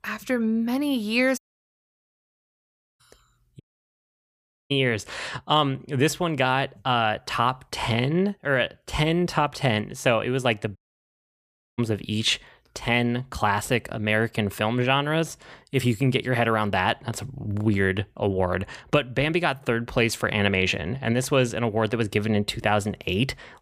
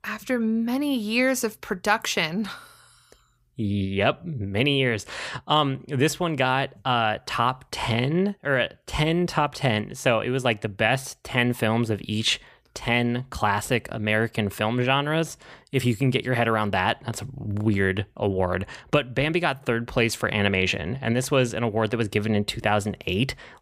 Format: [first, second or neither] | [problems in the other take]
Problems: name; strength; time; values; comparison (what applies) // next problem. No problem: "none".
second | audio cutting out; at 1.5 s for 1.5 s, at 3.5 s for 1 s and at 11 s for 1 s